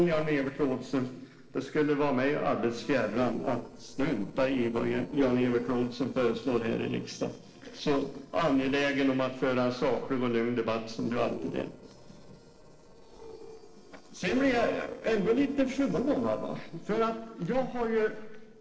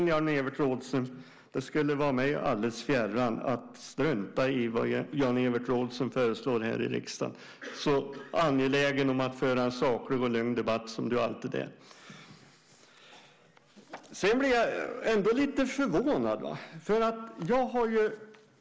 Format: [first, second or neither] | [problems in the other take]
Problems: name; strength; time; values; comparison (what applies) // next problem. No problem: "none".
second | noise reduction (neural separator model SepFormer DNS4)